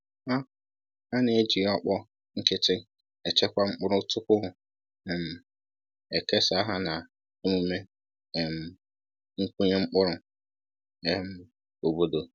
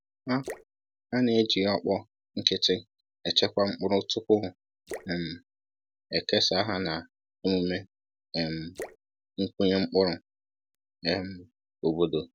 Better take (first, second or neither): first